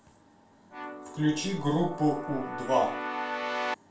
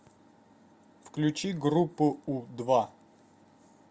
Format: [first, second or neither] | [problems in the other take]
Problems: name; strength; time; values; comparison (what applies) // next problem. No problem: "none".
second | background sound (Keyboard (musical)); 5 dB below the speech // room echo; dies away in 0.4 s